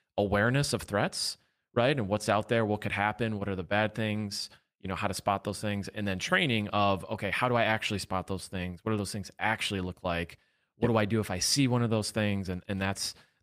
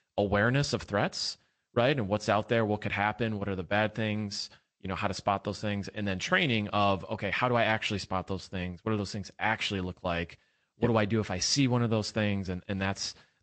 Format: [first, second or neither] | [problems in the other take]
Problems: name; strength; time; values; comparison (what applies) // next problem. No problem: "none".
first | garbled, watery; slightly; nothing above 8 kHz